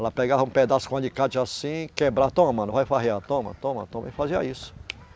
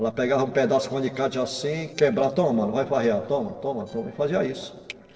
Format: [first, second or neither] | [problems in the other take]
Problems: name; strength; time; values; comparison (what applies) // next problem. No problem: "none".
first | noise reduction (neural separator model SepFormer DNS4)